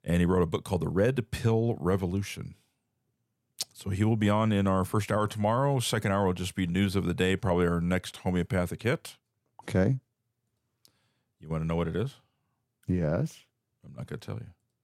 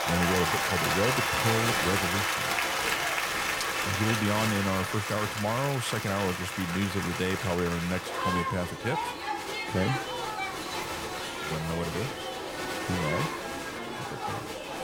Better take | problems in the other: first | crowd noise; very loud; throughout; 2 dB above the speech

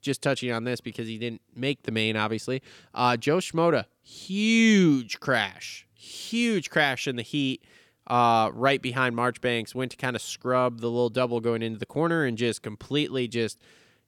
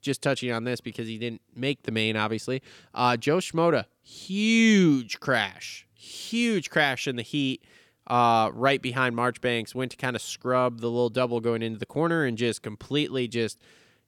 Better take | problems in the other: neither | none

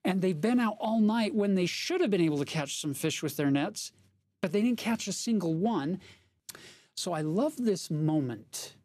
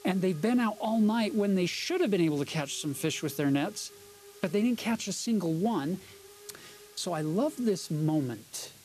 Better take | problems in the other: first | hiss; faint; throughout; 20 dB below the speech

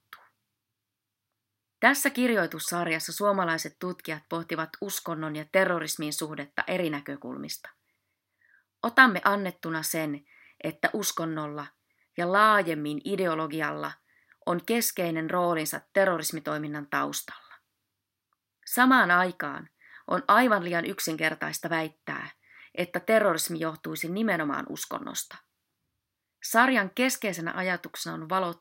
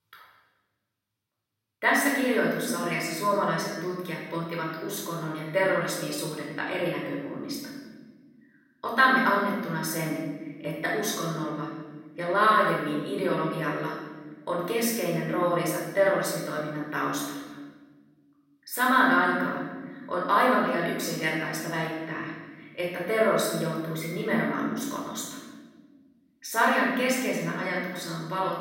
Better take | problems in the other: first | off-mic speech; far // room echo; noticeable; dies away in 1.3 s

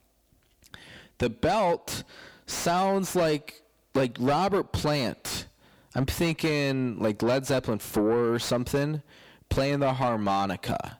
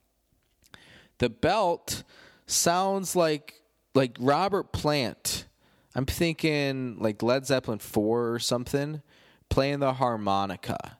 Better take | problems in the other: second | distortion; heavy; 7 dB below the speech

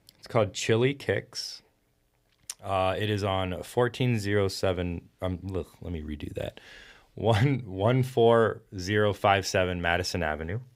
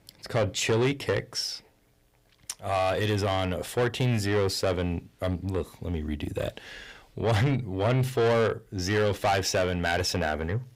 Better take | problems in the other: first | distortion; heavy; 8 dB below the speech

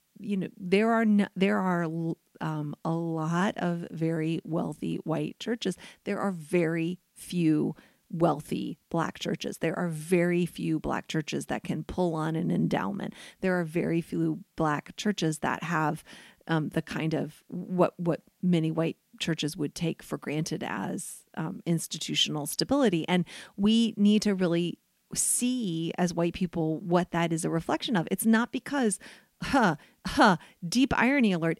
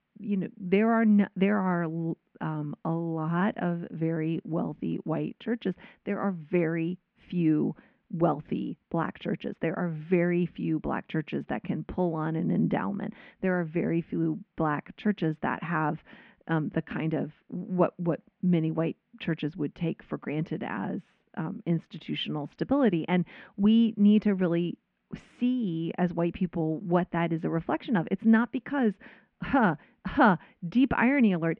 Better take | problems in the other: first | muffled; very; fading above 2.5 kHz

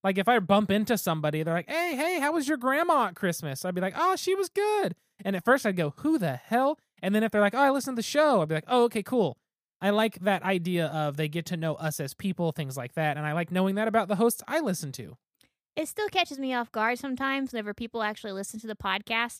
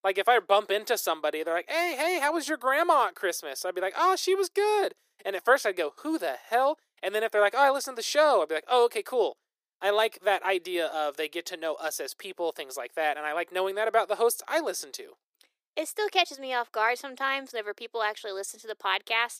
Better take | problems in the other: first | thin; very; fading below 350 Hz

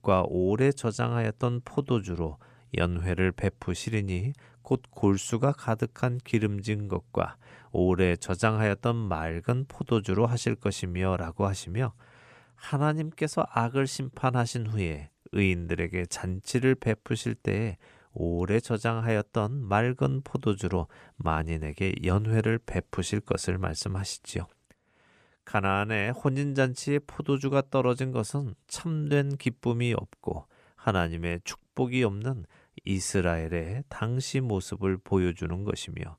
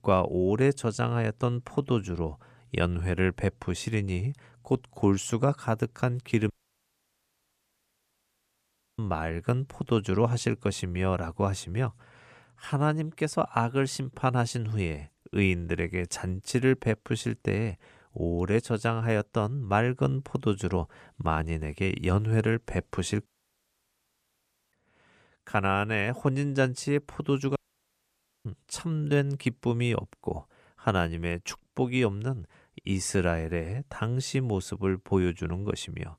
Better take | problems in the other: first | audio cutting out; at 6.5 s for 2.5 s, at 23 s for 1.5 s and at 28 s for 1 s

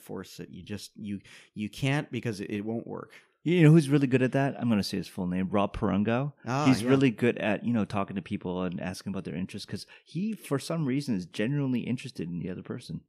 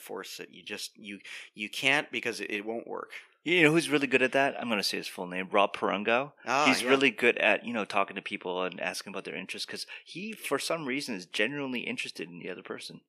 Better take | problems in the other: first | thin; somewhat; fading below 500 Hz

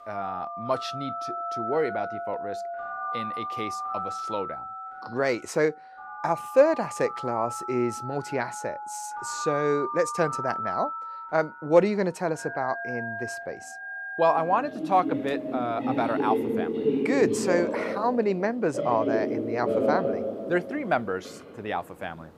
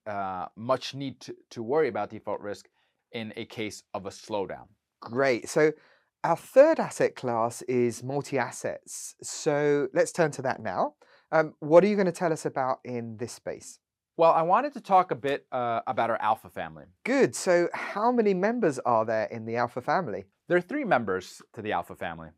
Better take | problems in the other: second | alarms or sirens; loud; throughout; 4 dB below the speech

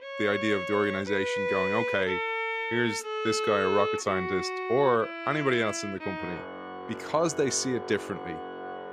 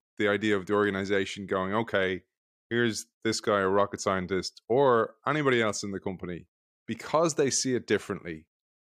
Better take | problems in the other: second | background music; loud; throughout; 4 dB below the speech

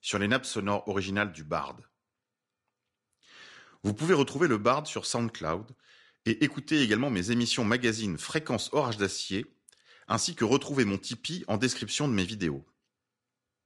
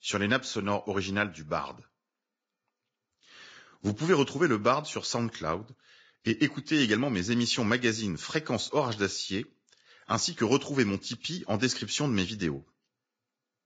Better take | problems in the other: first | garbled, watery; badly; nothing above 7.5 kHz; slightly in the first

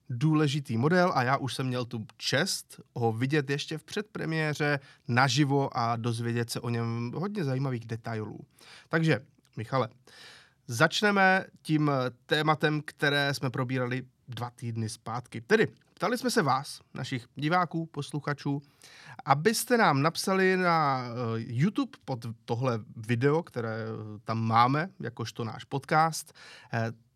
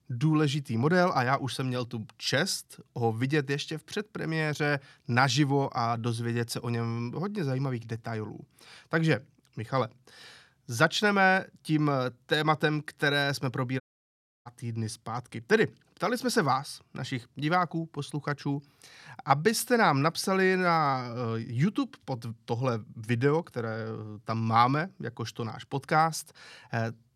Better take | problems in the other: first | audio cutting out; at 14 s for 0.5 s

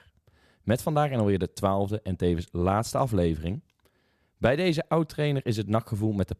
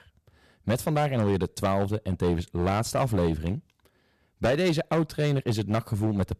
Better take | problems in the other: first | distortion; slight; 8% of the sound clipped

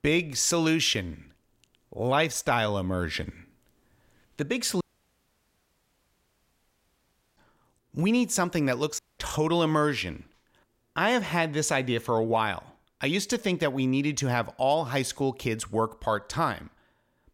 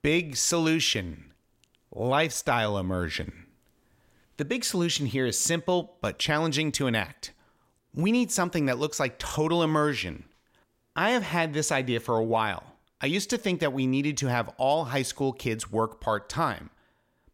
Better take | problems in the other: second | audio cutting out; at 5 s for 2.5 s and at 9 s

